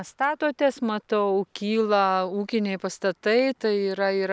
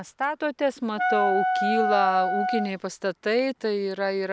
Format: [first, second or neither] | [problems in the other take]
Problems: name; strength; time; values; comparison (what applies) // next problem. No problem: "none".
first | background sound (Wind instrument, woodwind instrument); 1 dB above the speech